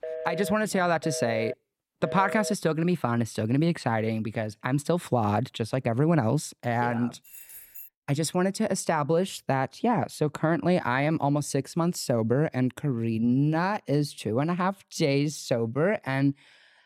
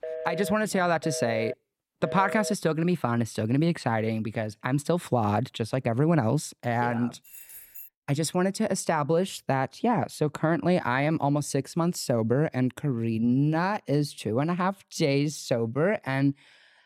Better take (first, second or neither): neither